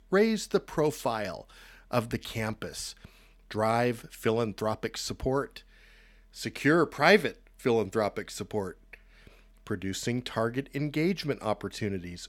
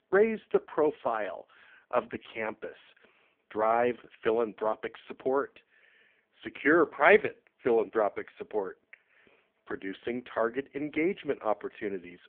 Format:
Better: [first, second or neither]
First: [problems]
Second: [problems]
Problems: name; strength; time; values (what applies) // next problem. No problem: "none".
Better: first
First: none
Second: phone-call audio; poor line